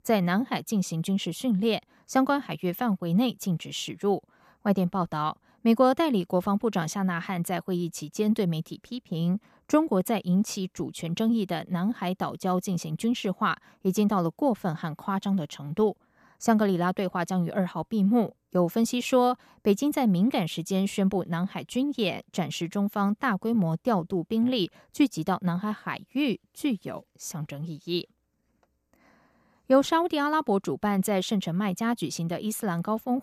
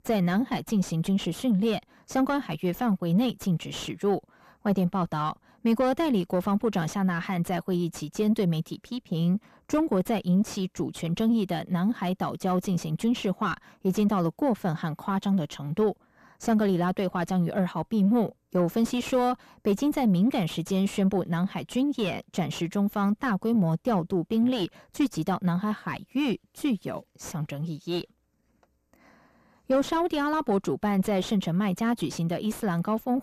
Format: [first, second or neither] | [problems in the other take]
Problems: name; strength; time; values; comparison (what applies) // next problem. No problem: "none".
first | distortion; slight; 10 dB below the speech